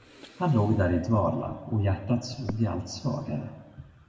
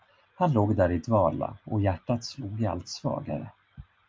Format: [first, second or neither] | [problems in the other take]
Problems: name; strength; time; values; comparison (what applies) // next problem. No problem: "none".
second | background sound (Breathing); 19 dB below the speech // room echo; dies away in 1 s